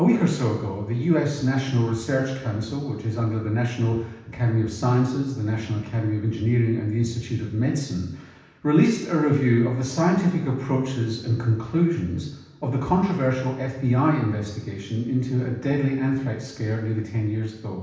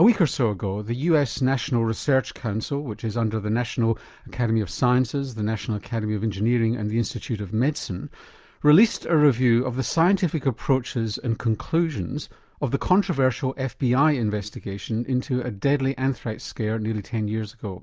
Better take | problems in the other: second | room echo; dies away in 0.9 s

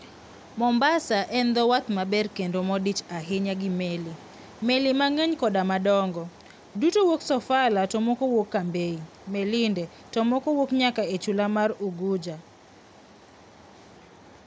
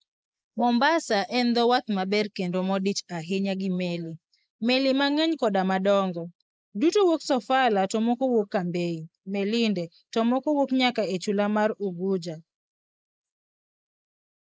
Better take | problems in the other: first | noise reduction (neural mask model Resemble Enhance denoiser)

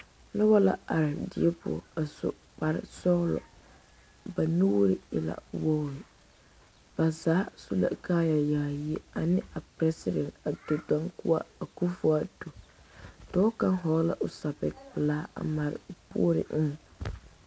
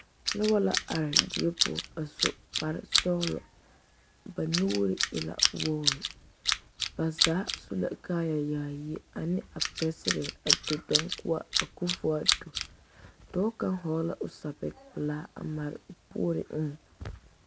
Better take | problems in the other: first | background sound (Tools); 1 dB above the speech

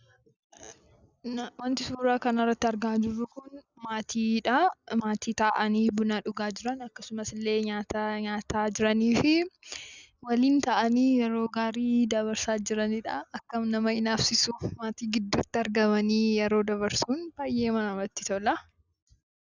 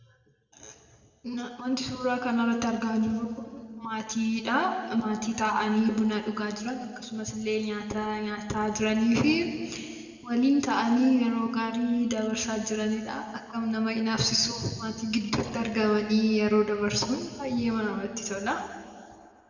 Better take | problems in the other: first | room echo; dies away in 1.9 s

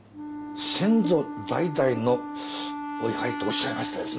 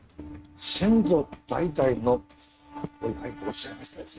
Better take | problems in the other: first | noise reduction (neural mask model RNNoise)

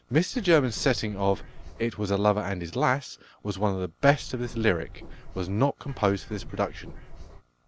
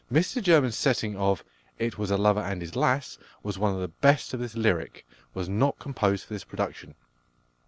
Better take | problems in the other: second | background sound (Bird); 13 dB below the speech

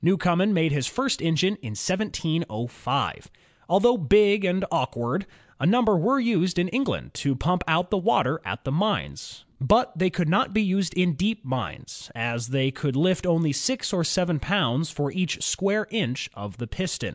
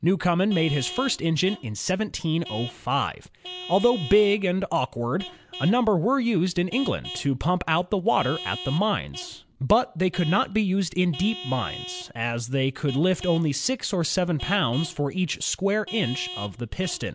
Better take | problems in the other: first | background sound (Vehicle horn, car horn, honking / Truck); 15 dB below the speech

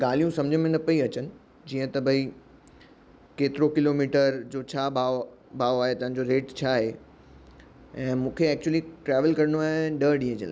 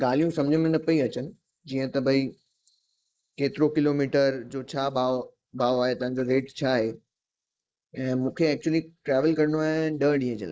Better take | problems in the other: first | noise reduction (neural mask model Resemble Enhance denoiser)

